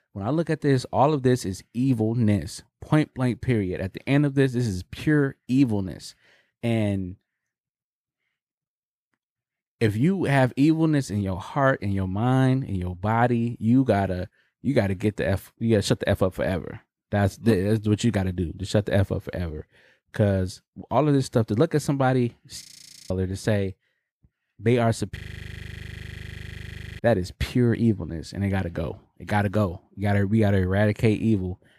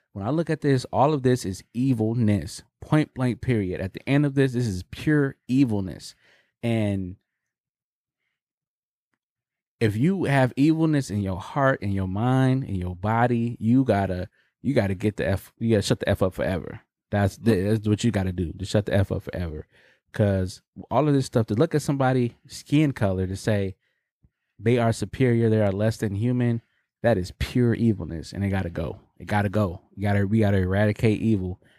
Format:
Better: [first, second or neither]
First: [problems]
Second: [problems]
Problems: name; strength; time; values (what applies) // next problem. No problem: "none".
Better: second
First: audio freezing; at 23 s and at 25 s for 2 s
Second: none